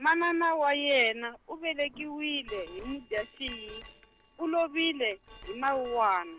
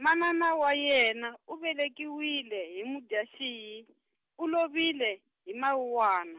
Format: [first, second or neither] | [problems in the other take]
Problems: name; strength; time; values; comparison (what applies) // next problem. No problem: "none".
second | noise reduction (neural separator model SepFormer DNS4)